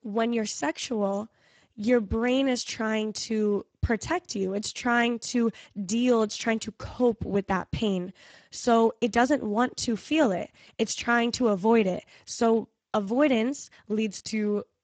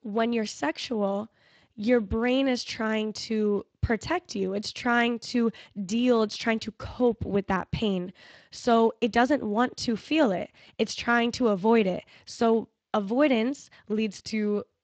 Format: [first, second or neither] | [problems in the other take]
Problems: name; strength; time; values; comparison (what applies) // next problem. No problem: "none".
second | garbled, watery; badly; nothing above 8 kHz; slightly in the second